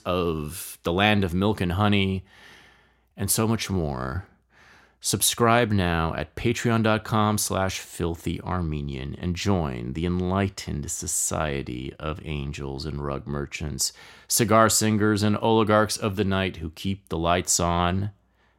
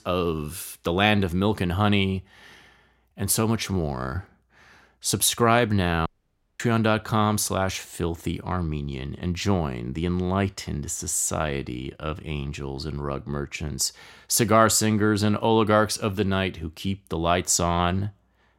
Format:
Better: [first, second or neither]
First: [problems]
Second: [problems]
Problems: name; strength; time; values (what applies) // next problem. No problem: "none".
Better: first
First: none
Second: audio cutting out; at 6 s for 0.5 s